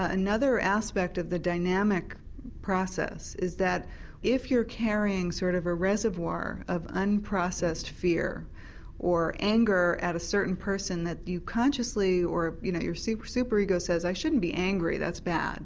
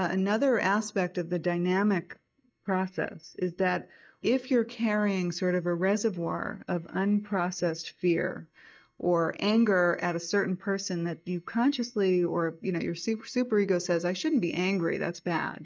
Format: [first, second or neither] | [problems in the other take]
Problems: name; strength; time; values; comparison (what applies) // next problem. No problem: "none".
first | noise reduction (neural mask model DeepFilterNet 3)